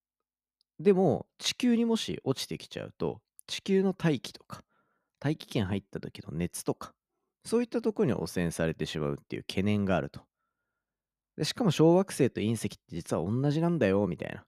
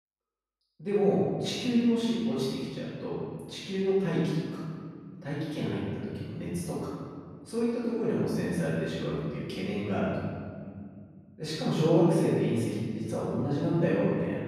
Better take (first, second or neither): first